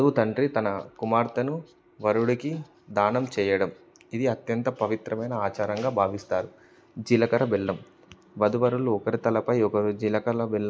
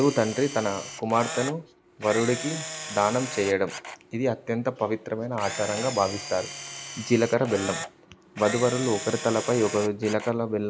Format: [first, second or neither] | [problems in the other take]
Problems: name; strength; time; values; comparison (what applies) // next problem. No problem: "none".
first | background sound (Camera); 10 dB below the speech